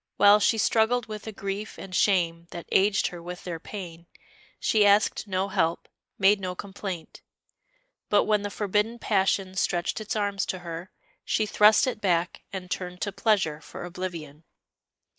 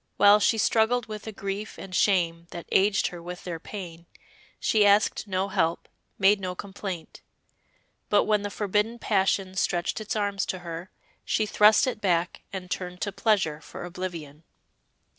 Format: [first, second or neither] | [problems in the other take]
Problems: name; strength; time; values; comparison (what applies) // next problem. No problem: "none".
second | noise reduction (neural mask model Resemble Enhance denoiser)